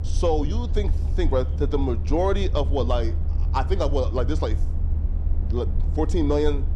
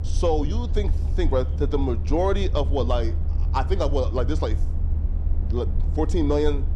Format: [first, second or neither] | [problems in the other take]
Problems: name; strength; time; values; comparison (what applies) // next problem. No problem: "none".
neither | low rumble; noticeable; throughout; 15 dB below the speech; the same in both